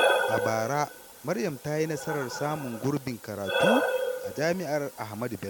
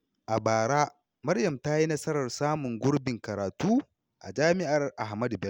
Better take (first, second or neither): second